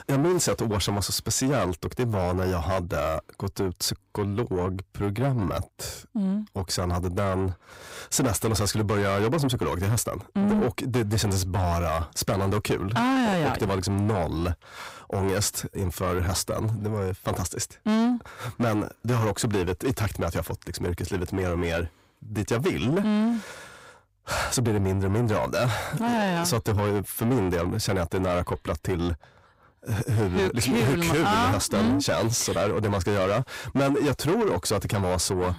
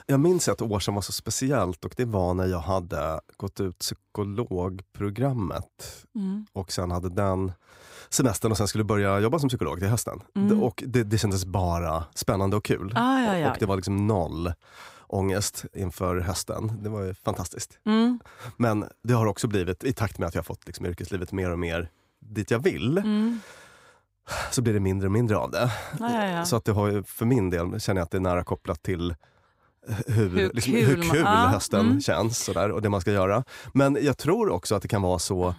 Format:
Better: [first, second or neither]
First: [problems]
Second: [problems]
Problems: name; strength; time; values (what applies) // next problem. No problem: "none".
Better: second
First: distortion; heavy; 7 dB below the speech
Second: none